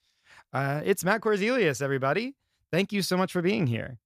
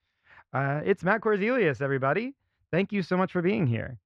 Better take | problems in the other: first | muffled; very; fading above 2 kHz

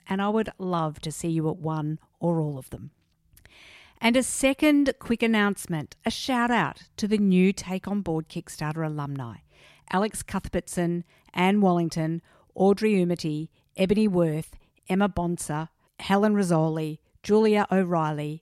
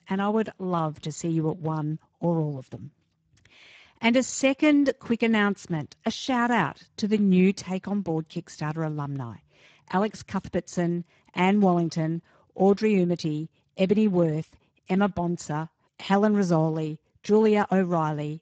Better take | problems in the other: first | garbled, watery; badly; nothing above 7.5 kHz

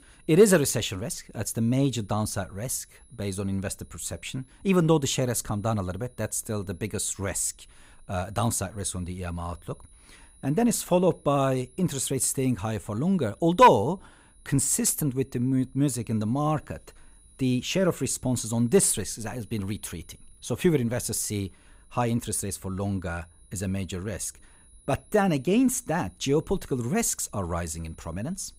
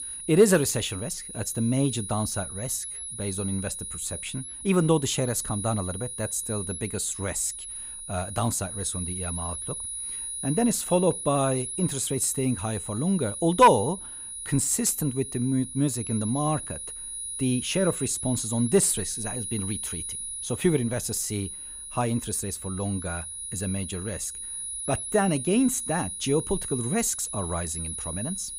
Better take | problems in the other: first | high-pitched whine; loud; throughout; 10.5 kHz, 6 dB below the speech; faint in the first

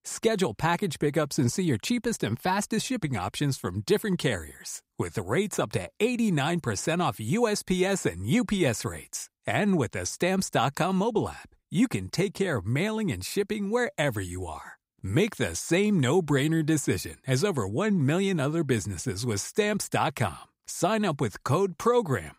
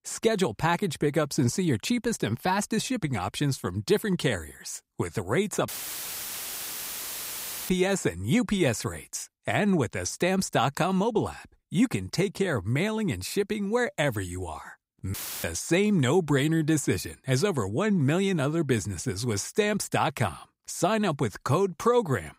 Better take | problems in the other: first | audio cutting out; filled with static; at 5.5 s for 2 s and at 15 s

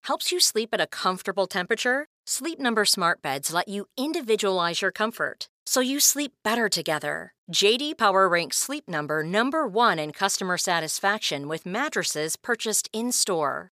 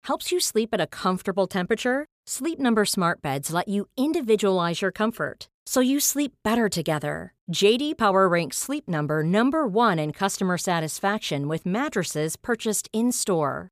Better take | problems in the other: second | thin; very slightly; fading below 550 Hz

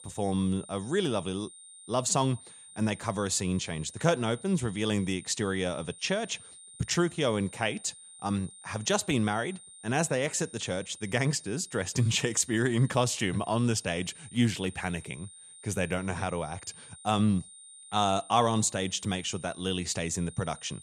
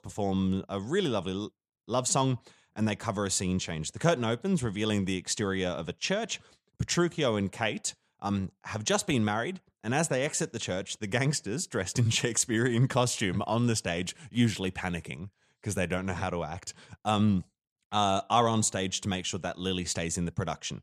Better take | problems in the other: second | high-pitched whine; noticeable; throughout; 9 kHz, 20 dB below the speech

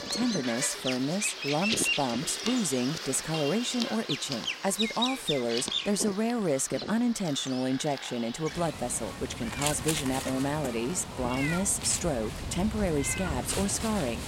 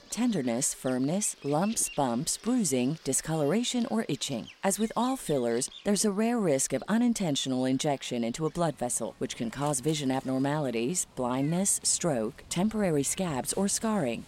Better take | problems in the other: second | animal sounds; loud; throughout; 4 dB below the speech; faint in the second

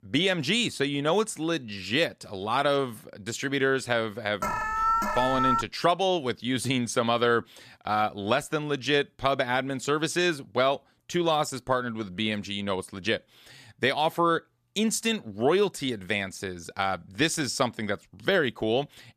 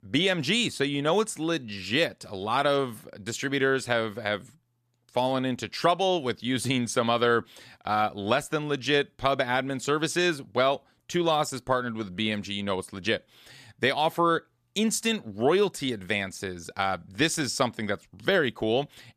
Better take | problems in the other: second | alarm; loud; from 4.5 to 5.5 s; peak 2 dB above the speech

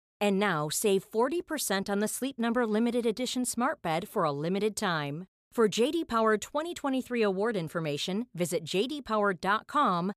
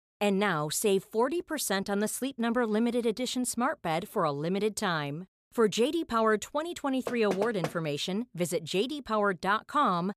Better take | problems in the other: first | door banging; noticeable; at 7 s; peak 6 dB below the speech

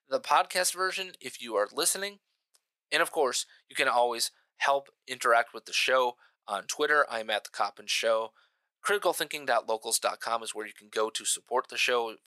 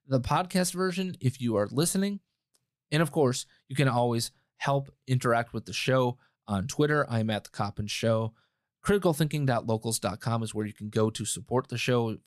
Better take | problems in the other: second | thin; very; fading below 550 Hz

